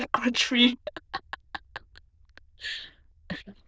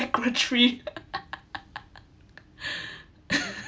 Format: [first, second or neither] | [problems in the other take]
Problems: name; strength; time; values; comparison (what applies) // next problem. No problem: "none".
second | noise reduction (neural diffusion model UNIVERSE++)